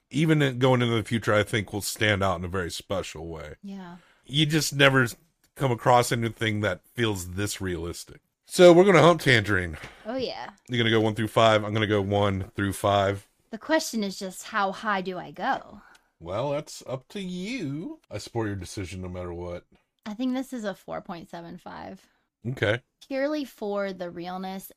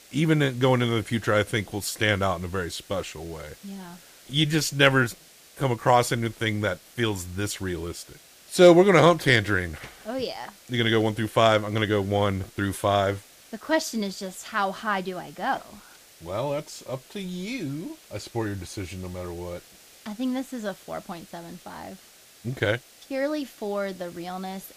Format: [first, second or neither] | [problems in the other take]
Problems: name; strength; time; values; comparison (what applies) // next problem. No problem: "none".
first | hiss; faint; throughout; 25 dB below the speech